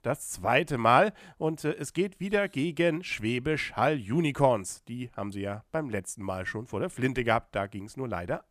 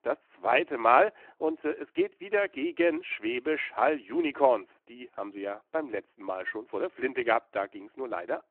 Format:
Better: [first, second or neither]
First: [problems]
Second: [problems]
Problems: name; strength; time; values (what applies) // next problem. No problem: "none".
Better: first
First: none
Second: phone-call audio